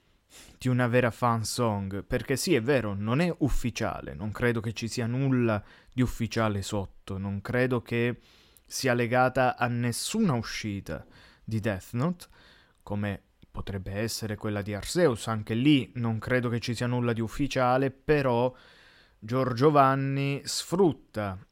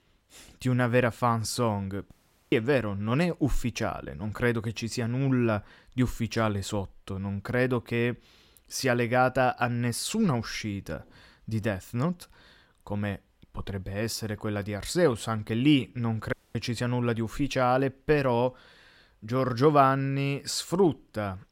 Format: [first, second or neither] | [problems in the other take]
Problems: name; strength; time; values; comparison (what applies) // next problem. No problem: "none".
first | audio cutting out; at 2 s and at 16 s